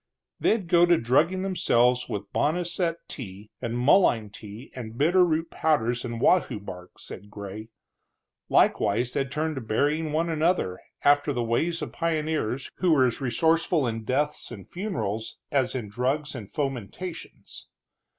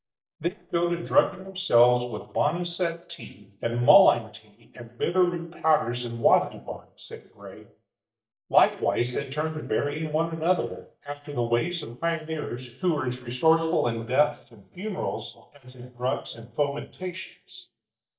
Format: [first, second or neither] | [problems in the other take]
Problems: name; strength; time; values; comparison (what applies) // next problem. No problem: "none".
first | noise reduction (neural mask model DeepFilterNet 3)